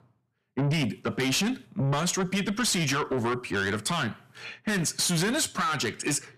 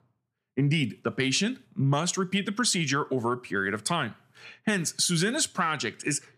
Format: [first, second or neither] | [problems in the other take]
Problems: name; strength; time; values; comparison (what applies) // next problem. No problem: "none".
second | distortion; heavy; 7 dB below the speech